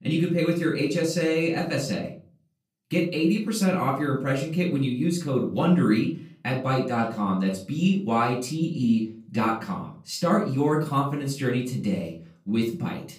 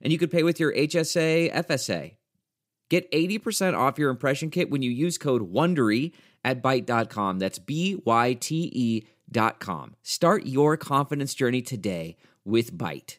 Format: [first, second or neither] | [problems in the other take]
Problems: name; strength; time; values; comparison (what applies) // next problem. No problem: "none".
second | room echo; slight; dies away in 0.4 s // off-mic speech; far